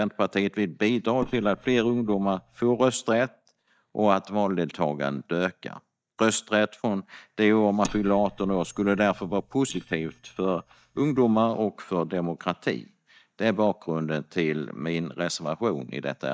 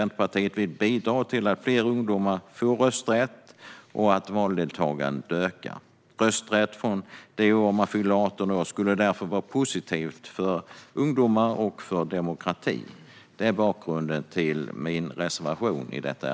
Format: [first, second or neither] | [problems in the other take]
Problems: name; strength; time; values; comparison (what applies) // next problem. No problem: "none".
second | noise reduction (neural mask model DeepFilterNet 3)